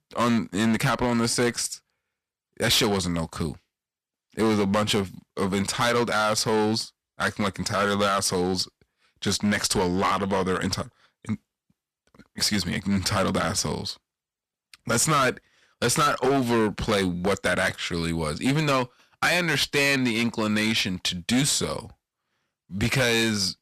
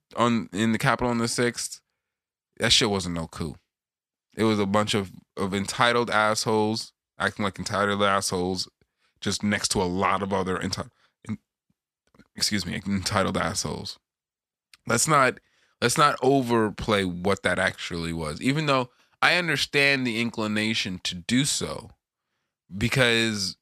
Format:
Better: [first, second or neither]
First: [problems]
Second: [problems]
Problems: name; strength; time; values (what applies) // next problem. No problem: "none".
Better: second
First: distortion; heavy; 9% of the sound clipped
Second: none